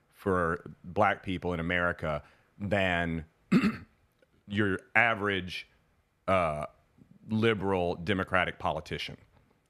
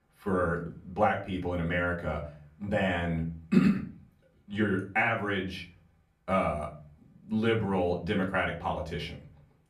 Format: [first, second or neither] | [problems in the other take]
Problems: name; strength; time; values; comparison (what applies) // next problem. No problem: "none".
first | off-mic speech; far // room echo; very slight; dies away in 0.4 s